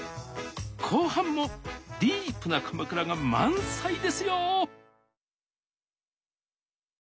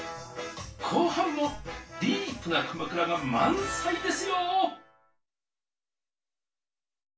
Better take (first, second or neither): first